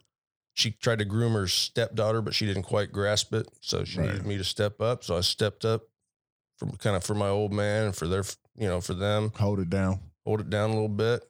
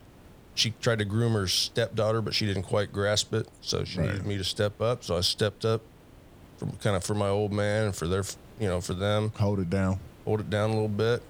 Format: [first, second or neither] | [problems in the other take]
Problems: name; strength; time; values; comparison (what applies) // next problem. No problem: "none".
first | hiss; faint; throughout; 25 dB below the speech